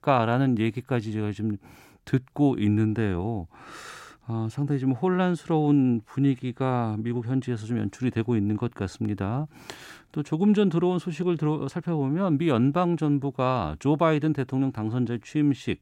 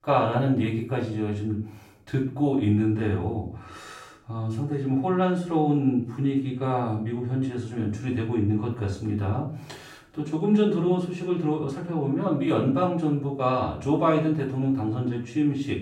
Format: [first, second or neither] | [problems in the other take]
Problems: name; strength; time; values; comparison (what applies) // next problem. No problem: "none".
first | off-mic speech; far // room echo; noticeable; dies away in 0.4 s